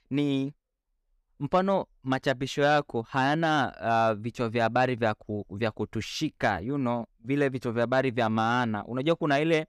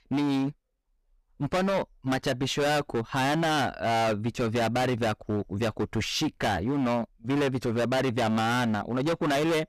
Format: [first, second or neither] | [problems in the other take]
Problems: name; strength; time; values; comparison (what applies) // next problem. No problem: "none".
first | distortion; heavy; 26% of the sound clipped